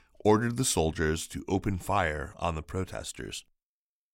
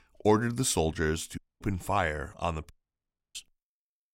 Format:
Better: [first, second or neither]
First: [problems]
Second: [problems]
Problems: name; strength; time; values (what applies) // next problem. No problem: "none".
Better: first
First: none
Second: audio cutting out; at 1.5 s and at 2.5 s for 0.5 s